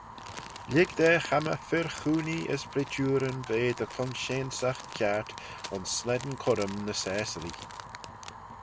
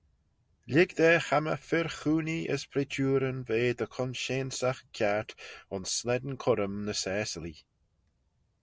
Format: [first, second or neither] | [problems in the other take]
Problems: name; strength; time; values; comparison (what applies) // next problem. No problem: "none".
second | background sound (Crumpling, crinkling + Fire); 13 dB below the speech